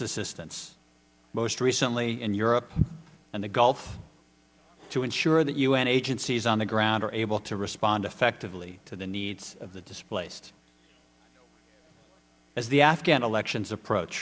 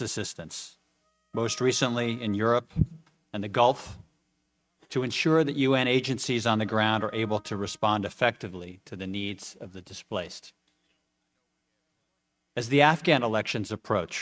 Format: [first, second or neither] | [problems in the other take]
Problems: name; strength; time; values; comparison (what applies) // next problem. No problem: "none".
first | noise reduction (neural mask model RNNoise)